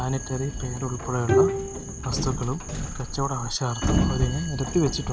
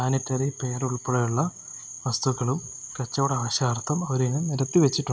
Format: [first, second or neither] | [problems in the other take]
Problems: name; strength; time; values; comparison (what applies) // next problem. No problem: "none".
second | background sound (Sliding door + Bowed string instrument); as loud as the speech